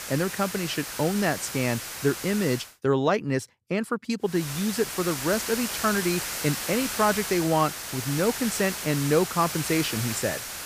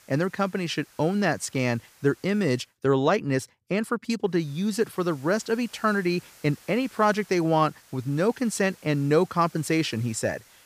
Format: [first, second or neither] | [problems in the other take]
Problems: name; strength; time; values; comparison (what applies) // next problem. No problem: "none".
second | hiss; loud; until 2.5 s and from 4.5 s on; 5 dB below the speech; faint in the second